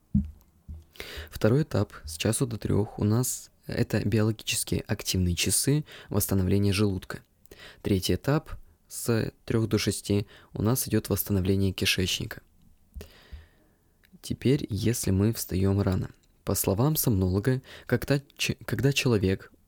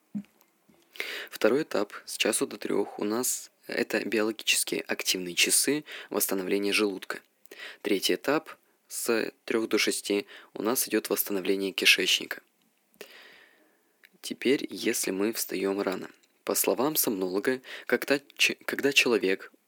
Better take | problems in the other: first | thin; somewhat; fading below 300 Hz

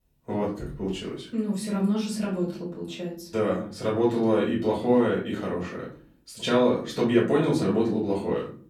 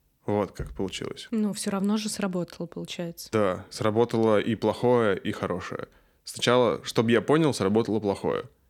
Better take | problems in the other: second | off-mic speech; far // room echo; slight; dies away in 0.5 s

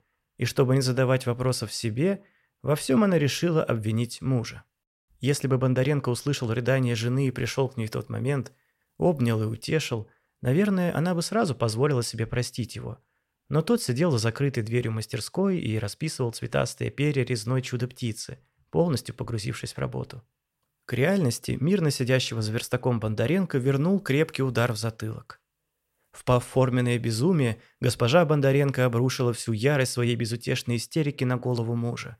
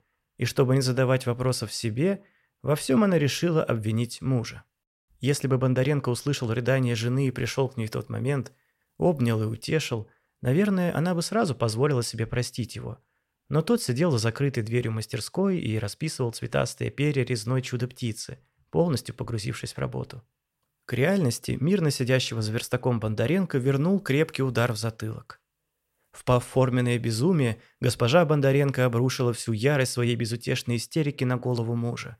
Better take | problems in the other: neither | none

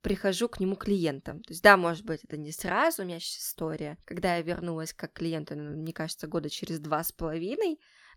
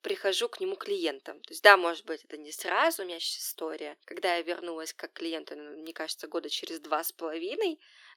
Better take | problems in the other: first | thin; very; fading below 350 Hz

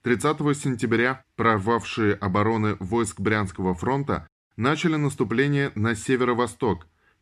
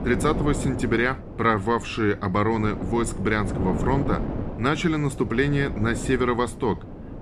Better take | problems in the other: first | wind noise on the microphone; occasional gusts; 10 dB below the speech

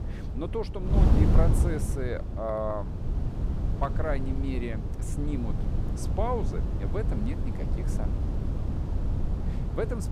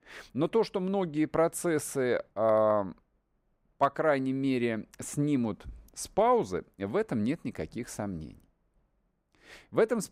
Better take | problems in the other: second | wind noise on the microphone; heavy; 6 dB below the speech

